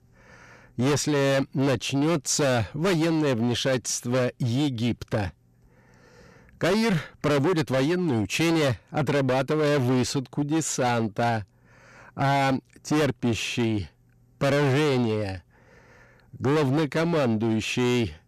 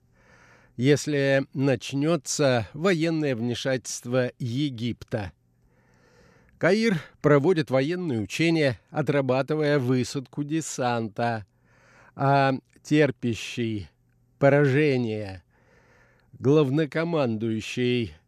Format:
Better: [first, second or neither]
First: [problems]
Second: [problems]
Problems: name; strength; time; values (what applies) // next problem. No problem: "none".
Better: second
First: distortion; heavy; 20% of the sound clipped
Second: none